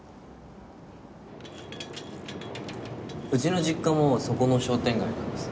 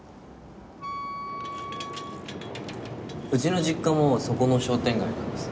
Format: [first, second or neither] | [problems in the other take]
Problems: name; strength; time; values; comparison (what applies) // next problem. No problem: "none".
first | background sound (Wind instrument, woodwind instrument); 11 dB below the speech